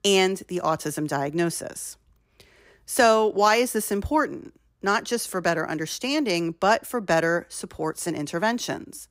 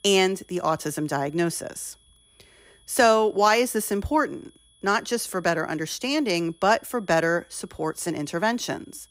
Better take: first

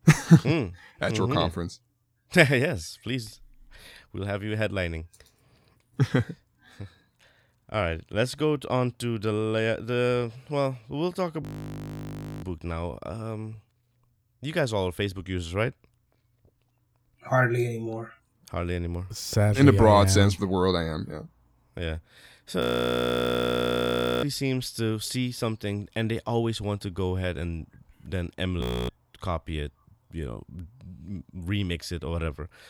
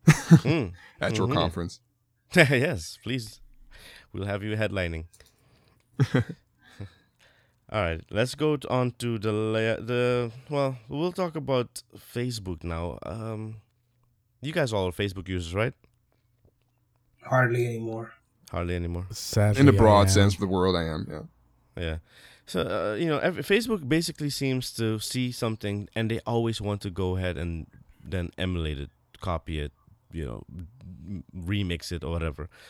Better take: second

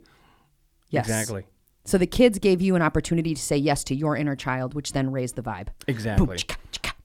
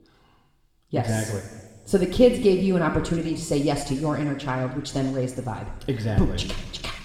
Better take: first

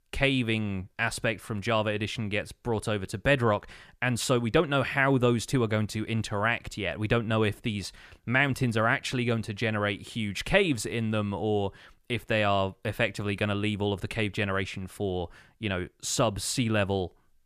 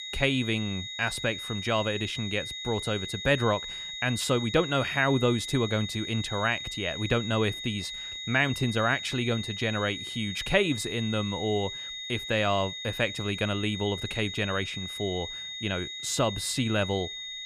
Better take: first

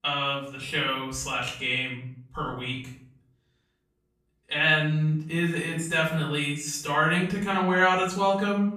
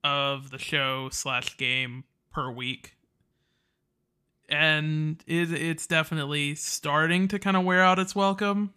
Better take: second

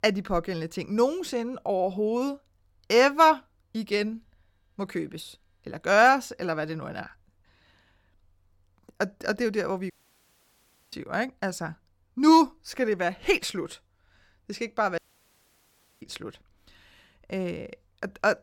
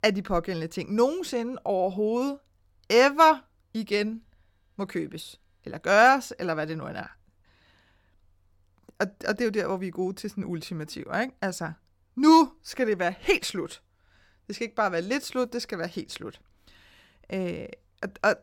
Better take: second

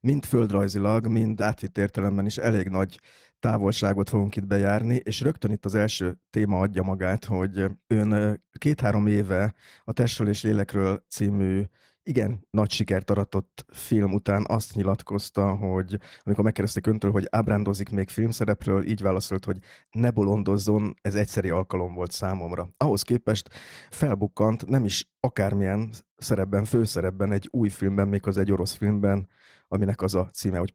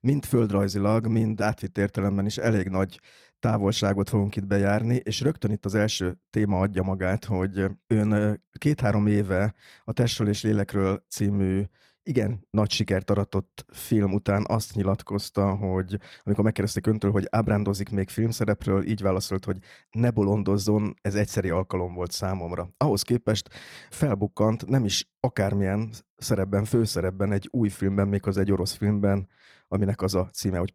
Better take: second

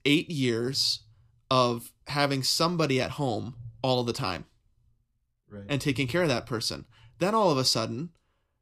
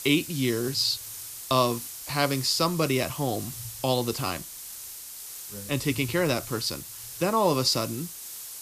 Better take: first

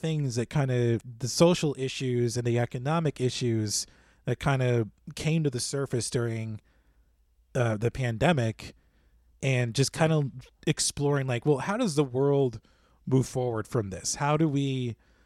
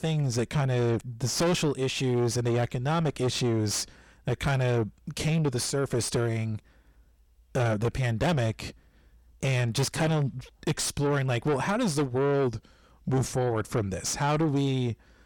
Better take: first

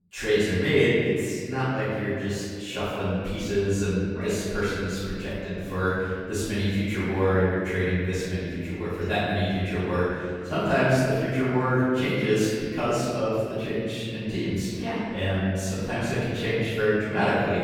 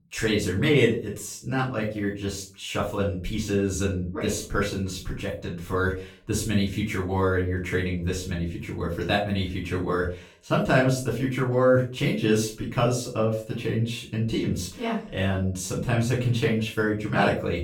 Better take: second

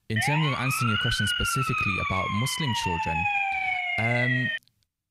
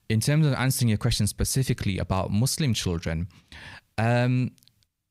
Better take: second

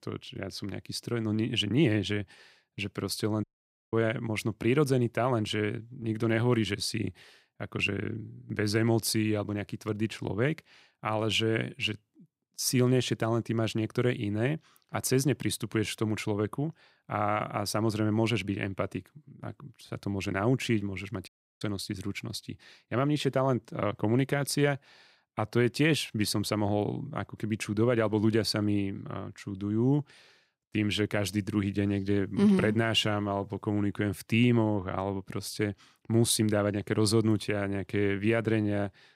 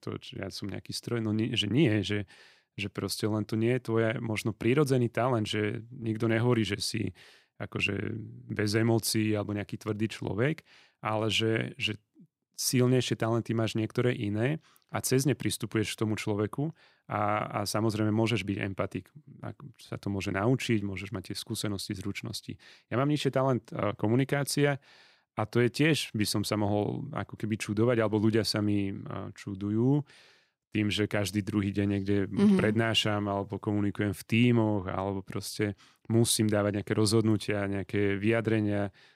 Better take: second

